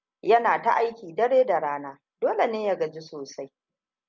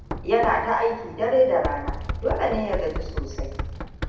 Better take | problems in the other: first | background sound (Knock); 7 dB below the speech // room echo; dies away in 0.9 s

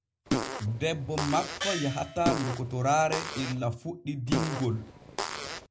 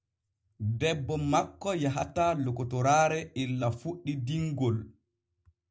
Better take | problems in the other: second | background sound (Gong + Fart); 3 dB below the speech

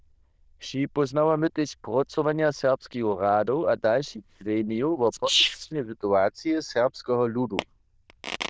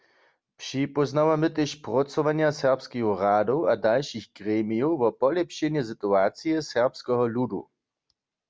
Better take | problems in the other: second | noise reduction (neural diffusion model UNIVERSE++)

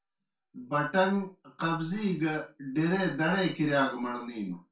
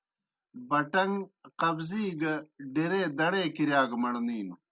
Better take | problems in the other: second | room echo; dies away in 0.3 s

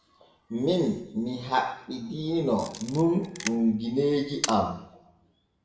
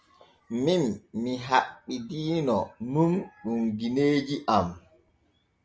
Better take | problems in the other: second | background sound (Camera); 11 dB below the speech // room echo; dies away in 0.8 s

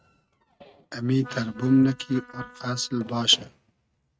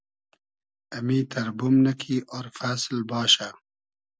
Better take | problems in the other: second | noise reduction (neural mask model RNNoise)

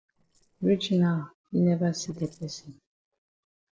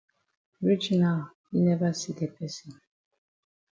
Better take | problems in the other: second | noise reduction (neural separator model SepFormer DNS4)

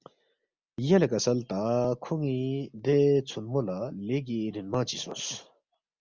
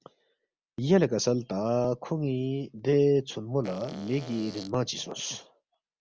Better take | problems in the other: first | background sound (Fart); 15 dB below the speech

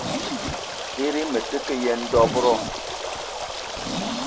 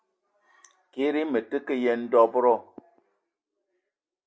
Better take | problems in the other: second | background sound (Stream + Zipper (clothing)); 3 dB below the speech

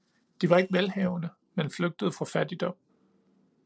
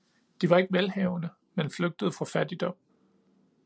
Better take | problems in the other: second | noise reduction (neural separator model SepFormer DNS4)

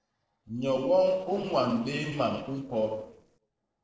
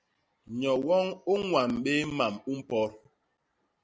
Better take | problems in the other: second | noise reduction (neural separator model SepFormer DNS4)

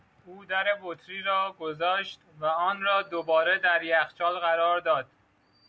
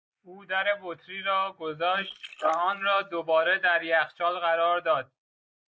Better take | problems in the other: first | noise reduction (neural mask model Resemble Enhance denoiser)

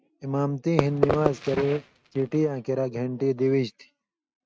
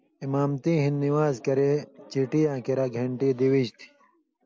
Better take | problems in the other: second | noise reduction (neural mask model RNNoise)

